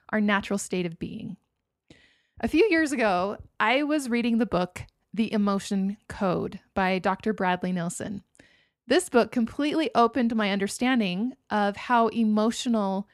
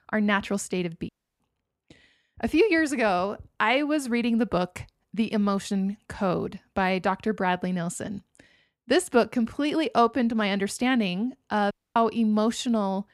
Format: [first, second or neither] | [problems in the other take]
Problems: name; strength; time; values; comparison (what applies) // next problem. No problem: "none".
first | audio cutting out; at 1 s and at 12 s